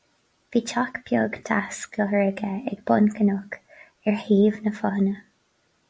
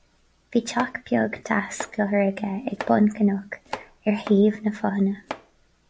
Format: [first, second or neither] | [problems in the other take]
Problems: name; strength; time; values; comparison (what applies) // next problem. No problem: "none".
first | background sound (Domestic sounds, home sounds); 17 dB below the speech